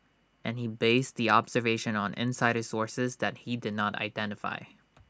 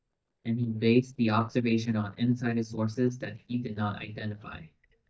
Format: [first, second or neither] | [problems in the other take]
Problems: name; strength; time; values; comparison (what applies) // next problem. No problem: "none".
first | noise reduction (neural mask model DeepFilterNet 3)